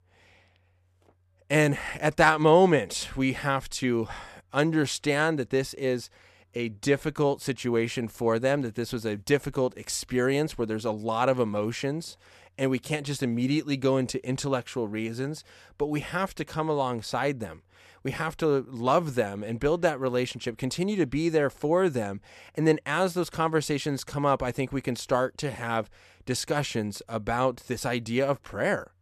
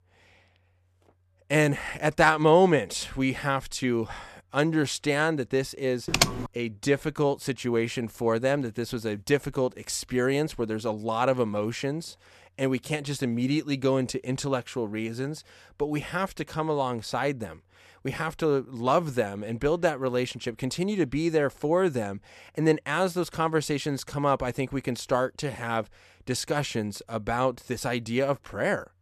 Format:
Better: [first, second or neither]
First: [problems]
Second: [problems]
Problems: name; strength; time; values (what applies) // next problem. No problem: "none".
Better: first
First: none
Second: keyboard typing; loud; at 6 s; peak 4 dB above the speech